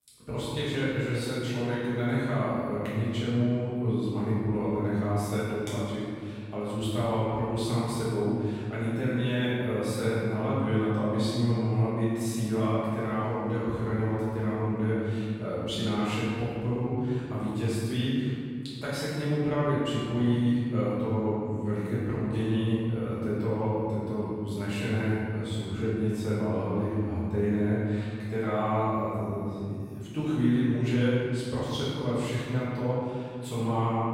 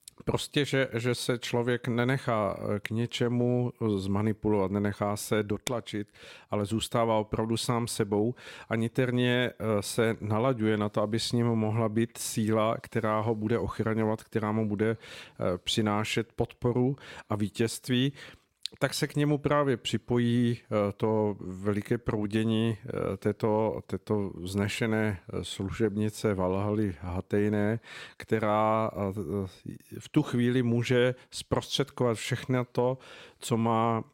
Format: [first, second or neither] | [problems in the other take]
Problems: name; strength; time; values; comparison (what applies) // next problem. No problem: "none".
second | room echo; strong; dies away in 2.4 s // off-mic speech; far